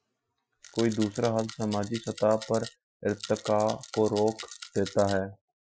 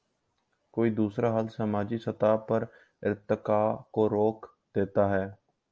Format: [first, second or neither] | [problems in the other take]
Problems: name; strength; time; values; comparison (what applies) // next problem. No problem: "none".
second | noise reduction (classical method Wiener filter)